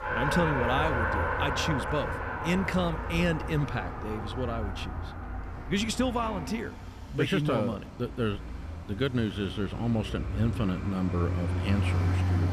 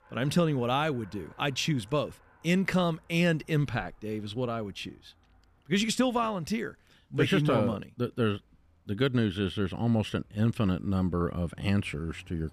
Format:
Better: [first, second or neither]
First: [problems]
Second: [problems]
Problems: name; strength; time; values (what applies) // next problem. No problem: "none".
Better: second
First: traffic noise; loud; throughout; 2 dB below the speech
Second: traffic noise; faint; throughout; 30 dB below the speech